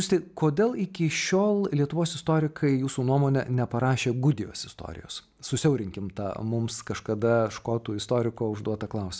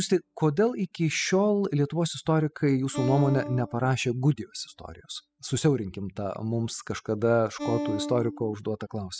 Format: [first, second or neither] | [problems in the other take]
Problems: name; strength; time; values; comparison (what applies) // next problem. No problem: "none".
first | noise reduction (classical method spectral subtraction)